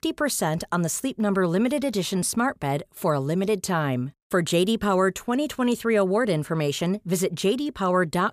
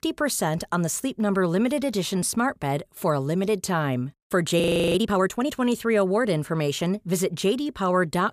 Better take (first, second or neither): first